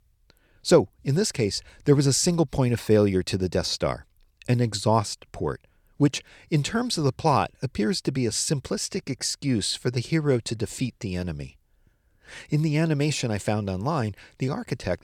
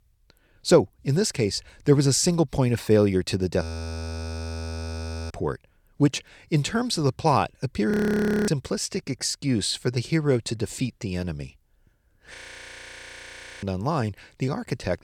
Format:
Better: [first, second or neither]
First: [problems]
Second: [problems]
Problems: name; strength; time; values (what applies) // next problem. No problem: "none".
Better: first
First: none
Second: audio freezing; at 3.5 s for 1.5 s, at 8 s for 0.5 s and at 12 s for 1.5 s